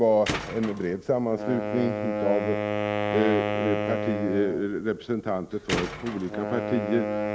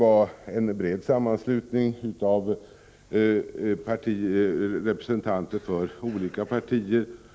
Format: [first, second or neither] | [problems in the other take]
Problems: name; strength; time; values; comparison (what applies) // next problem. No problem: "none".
second | background sound (Wind instrument, woodwind instrument + Tools); 3 dB below the speech